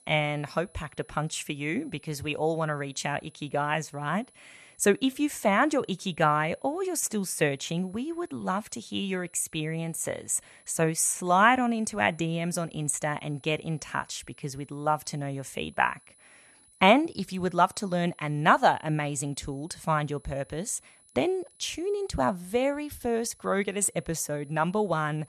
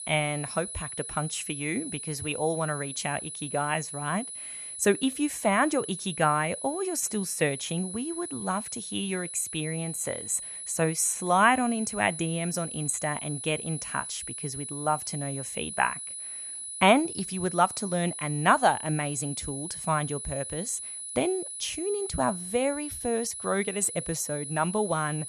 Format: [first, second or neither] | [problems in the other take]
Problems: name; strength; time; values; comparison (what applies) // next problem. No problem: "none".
first | high-pitched whine; loud; throughout; 10 kHz, 7 dB below the speech; faint in the first